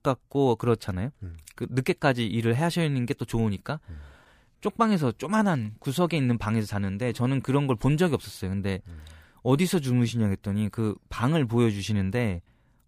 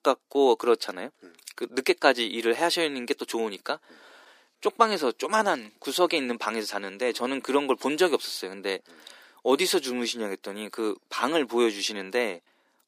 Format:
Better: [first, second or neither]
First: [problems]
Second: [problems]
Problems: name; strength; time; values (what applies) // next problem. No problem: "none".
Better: first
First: none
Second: thin; somewhat; fading below 300 Hz